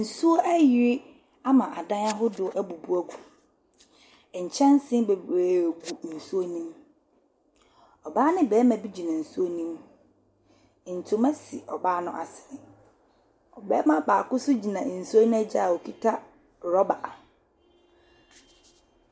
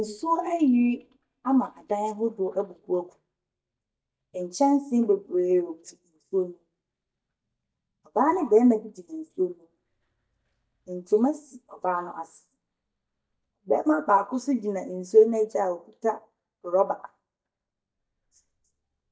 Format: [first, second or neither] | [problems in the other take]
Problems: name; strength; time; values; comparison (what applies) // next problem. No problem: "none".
first | noise reduction (neural mask model DeepFilterNet 3)